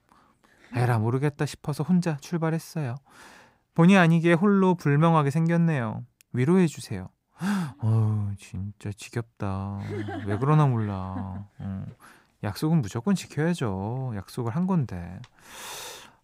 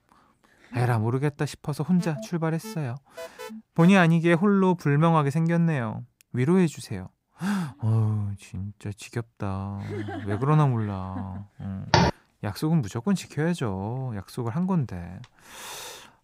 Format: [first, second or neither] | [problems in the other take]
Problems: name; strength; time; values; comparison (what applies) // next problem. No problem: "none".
first | alarm; faint; from 2 to 4 s; peak 15 dB below the speech // door banging; loud; at 12 s; peak 4 dB above the speech